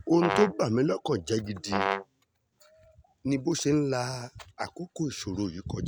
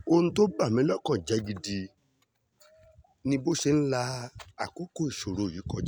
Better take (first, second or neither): second